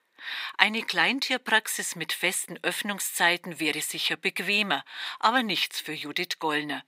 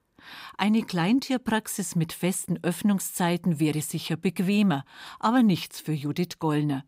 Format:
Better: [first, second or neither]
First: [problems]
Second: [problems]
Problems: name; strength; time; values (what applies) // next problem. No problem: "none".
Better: second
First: thin; very; fading below 450 Hz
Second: none